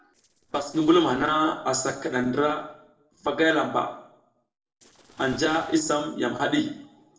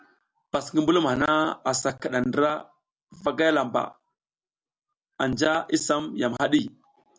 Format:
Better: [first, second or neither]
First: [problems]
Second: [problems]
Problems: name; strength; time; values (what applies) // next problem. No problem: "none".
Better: second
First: noise reduction (neural separator model SepFormer DNS4)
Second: none